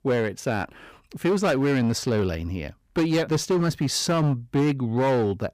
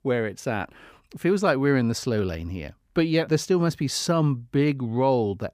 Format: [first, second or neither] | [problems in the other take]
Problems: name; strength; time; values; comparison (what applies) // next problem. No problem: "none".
second | distortion; slight; 12% of the sound clipped